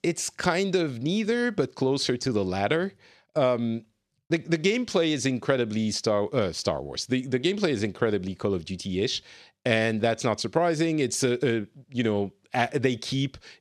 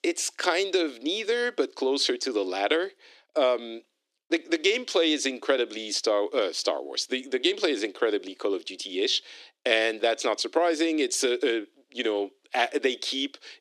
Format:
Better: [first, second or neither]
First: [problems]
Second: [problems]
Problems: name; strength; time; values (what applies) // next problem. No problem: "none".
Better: first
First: none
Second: thin; somewhat; fading below 300 Hz